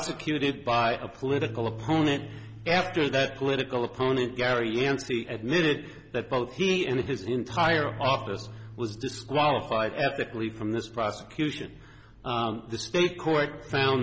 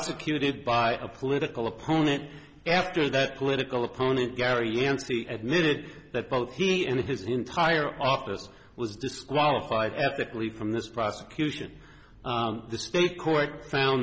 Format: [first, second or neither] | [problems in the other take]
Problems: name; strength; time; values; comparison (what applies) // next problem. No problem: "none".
second | background sound (Bass guitar); 17 dB below the speech